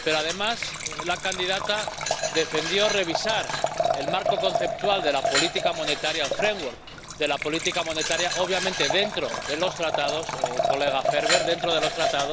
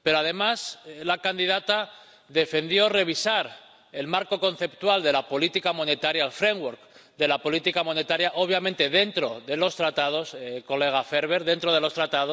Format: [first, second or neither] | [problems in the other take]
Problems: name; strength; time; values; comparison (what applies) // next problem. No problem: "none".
second | background sound (Glass + Liquid); 1 dB below the speech